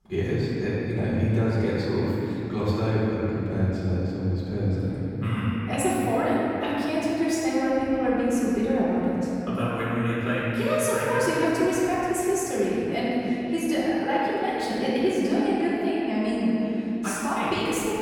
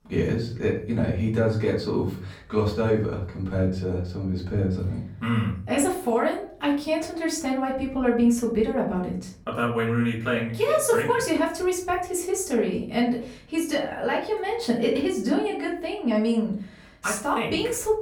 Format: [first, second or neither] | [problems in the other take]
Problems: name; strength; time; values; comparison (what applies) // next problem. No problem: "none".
second | room echo; strong; dies away in 3 s; slight in the second // off-mic speech; far; far in the second